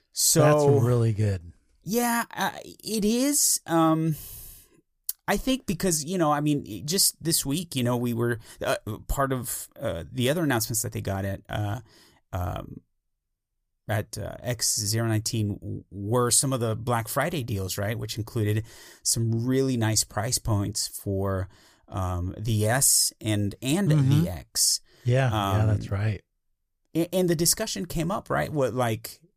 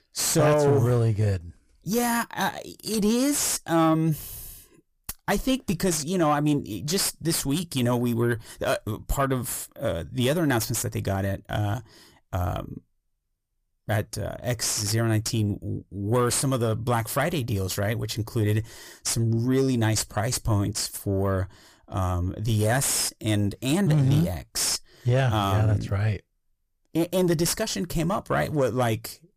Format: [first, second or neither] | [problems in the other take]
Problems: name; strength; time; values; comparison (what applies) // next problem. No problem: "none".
first | distortion; slight; 10 dB below the speech